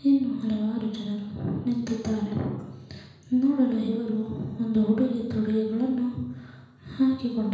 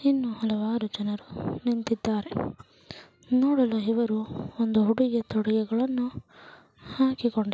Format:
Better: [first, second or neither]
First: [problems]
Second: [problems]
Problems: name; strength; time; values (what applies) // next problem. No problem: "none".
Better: second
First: room echo; dies away in 1.1 s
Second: none